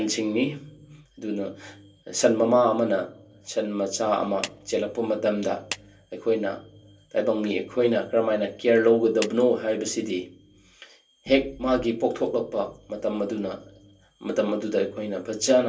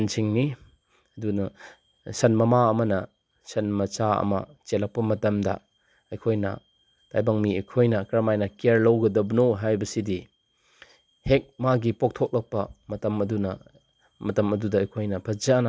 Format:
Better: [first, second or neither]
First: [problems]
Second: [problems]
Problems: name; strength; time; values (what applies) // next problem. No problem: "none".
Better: second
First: background sound (Clapping); 16 dB below the speech // room echo; dies away in 0.3 s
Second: none